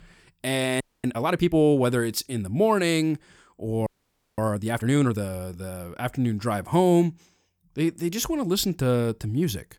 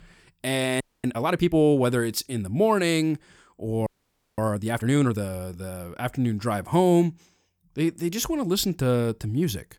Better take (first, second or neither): neither